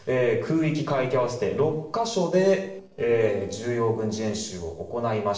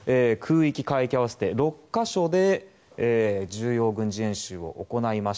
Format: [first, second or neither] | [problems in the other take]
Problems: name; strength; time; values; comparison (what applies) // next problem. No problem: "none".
second | noise reduction (neural separator model SepFormer DNS4)